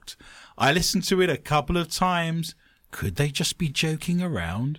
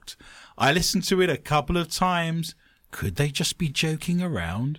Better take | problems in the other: neither | none

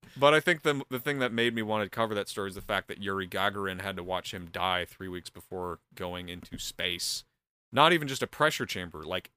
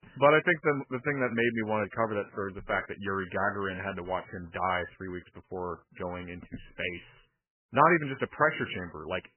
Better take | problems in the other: first | garbled, watery; badly; nothing above 3 kHz

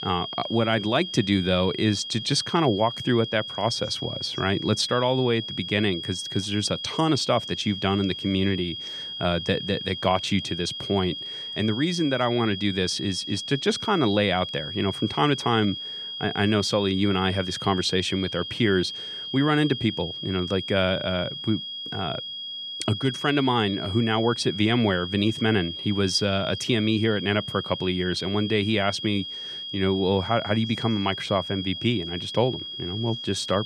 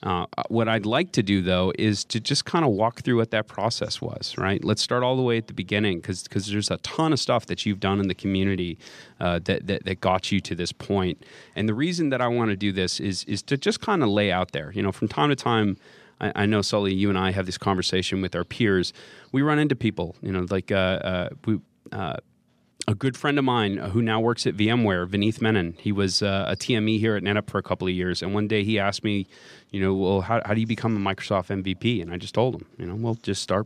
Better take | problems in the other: second | high-pitched whine; loud; throughout; 3.5 kHz, 7 dB below the speech

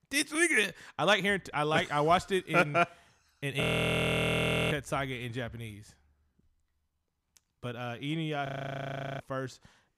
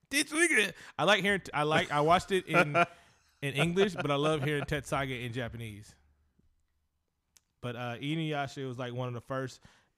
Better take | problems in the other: second | audio freezing; at 3.5 s for 1 s and at 8.5 s for 0.5 s

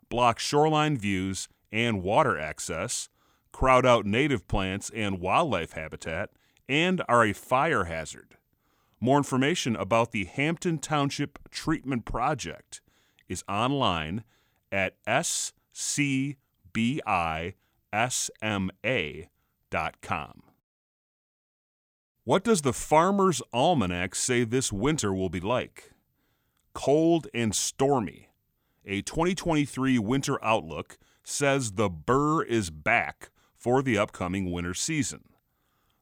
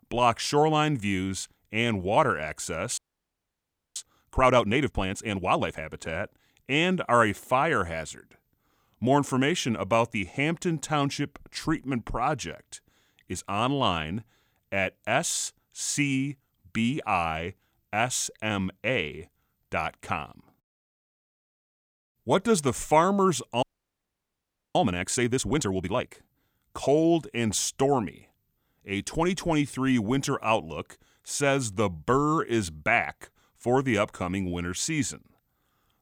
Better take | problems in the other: first | audio freezing; at 3 s for 1 s and at 24 s for 1 s

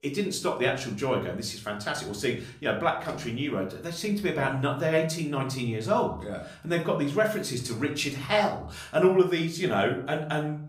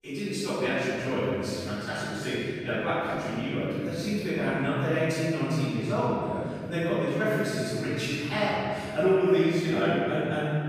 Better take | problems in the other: first | room echo; strong; dies away in 2.2 s; slight in the first // off-mic speech; far; somewhat distant in the first

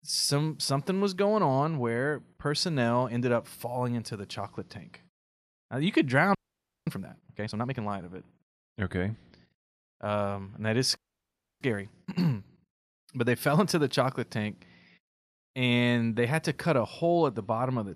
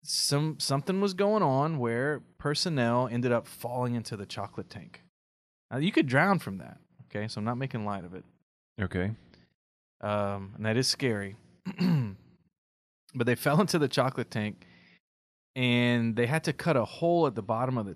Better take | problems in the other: second | audio freezing; at 6.5 s for 0.5 s and at 11 s for 0.5 s

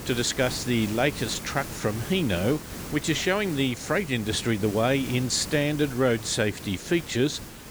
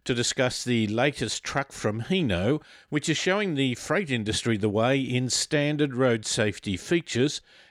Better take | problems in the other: second | hiss; noticeable; throughout; 10 dB below the speech

